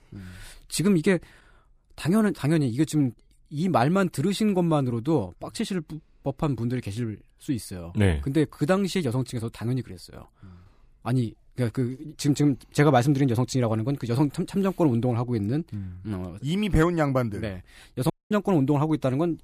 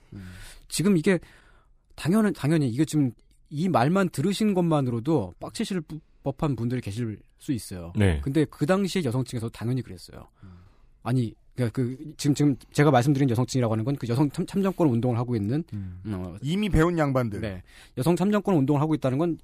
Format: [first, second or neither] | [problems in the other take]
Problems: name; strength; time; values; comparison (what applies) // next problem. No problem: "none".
second | audio cutting out; at 18 s